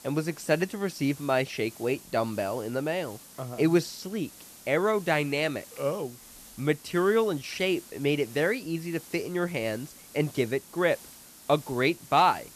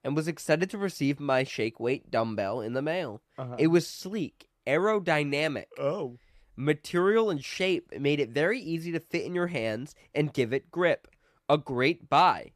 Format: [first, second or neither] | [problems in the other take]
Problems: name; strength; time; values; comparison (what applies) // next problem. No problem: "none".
second | hiss; noticeable; throughout; 20 dB below the speech